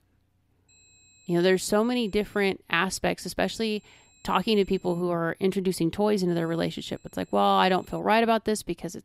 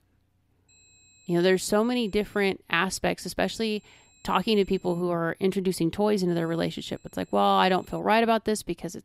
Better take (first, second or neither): neither